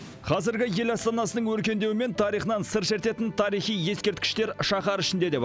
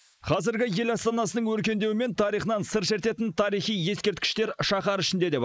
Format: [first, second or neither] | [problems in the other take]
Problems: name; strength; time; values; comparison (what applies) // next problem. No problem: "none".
first | noise reduction (neural mask model Resemble Enhance denoiser)